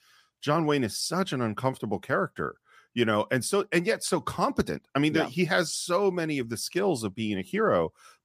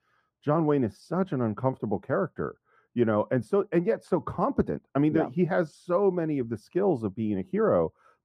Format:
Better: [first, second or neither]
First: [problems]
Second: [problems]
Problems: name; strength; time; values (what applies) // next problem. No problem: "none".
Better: first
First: none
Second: muffled; very; fading above 2 kHz